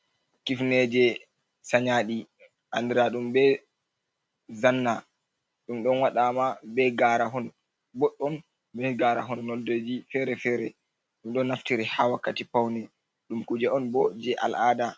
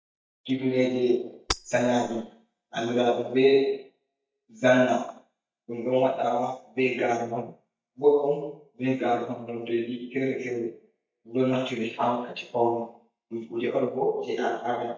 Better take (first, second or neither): first